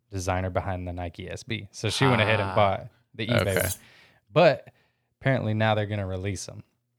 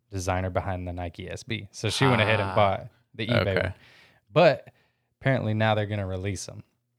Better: second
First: clattering dishes; noticeable; at 3.5 s; peak 6 dB below the speech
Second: none

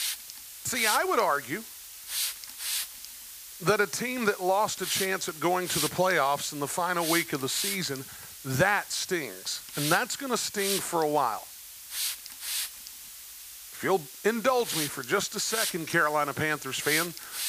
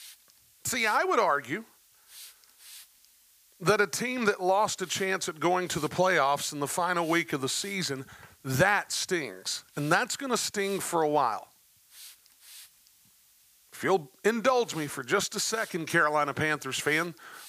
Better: second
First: hiss; loud; throughout; 6 dB below the speech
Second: hiss; faint; throughout; 25 dB below the speech

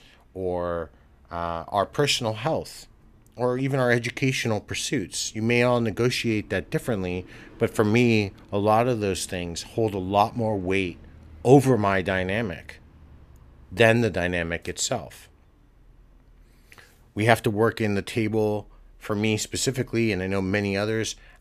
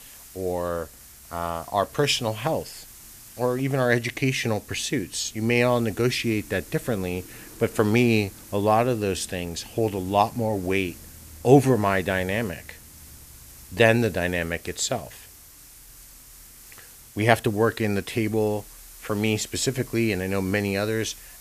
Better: first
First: none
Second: hiss; noticeable; throughout; 20 dB below the speech

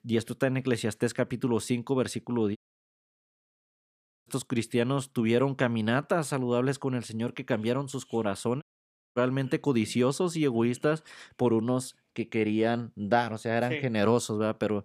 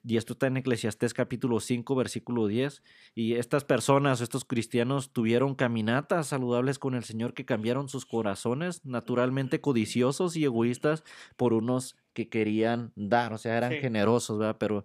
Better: second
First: audio cutting out; at 2.5 s for 1.5 s and at 8.5 s for 0.5 s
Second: none

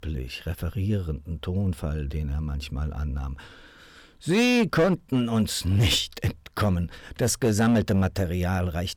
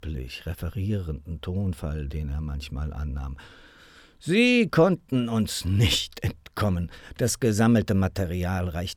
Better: second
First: distortion; slight; 4% of the sound clipped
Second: none

